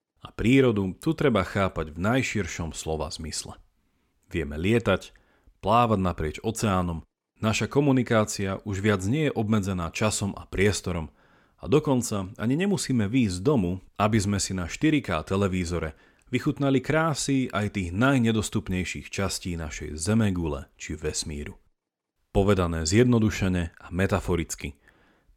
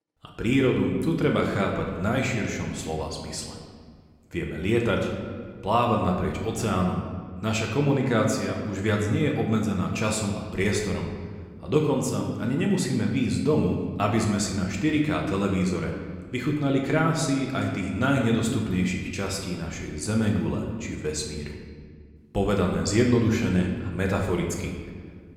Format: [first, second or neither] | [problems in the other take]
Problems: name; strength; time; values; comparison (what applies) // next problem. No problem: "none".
first | room echo; noticeable; dies away in 1.4 s // off-mic speech; somewhat distant